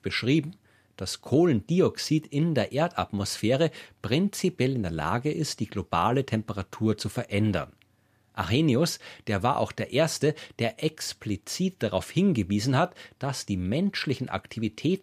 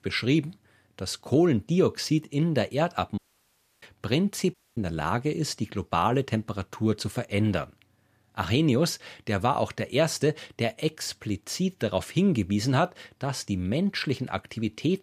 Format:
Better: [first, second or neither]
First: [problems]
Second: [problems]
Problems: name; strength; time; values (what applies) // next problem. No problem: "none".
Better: first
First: none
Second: audio cutting out; at 3 s for 0.5 s and at 4.5 s